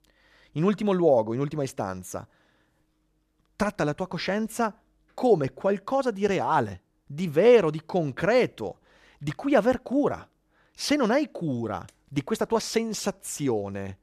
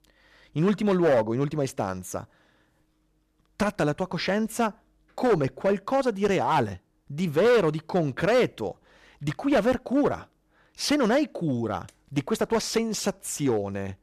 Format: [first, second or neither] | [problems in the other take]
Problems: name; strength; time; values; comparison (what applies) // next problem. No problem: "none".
first | distortion; slight; 5% of the sound clipped